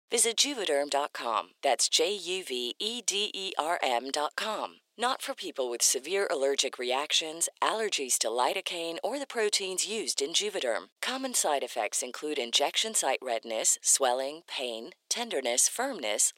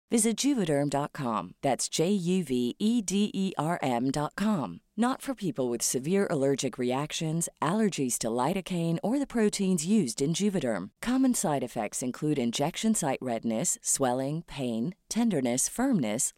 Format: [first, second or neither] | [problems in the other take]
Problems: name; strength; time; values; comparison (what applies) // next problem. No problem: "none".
second | thin; very; fading below 400 Hz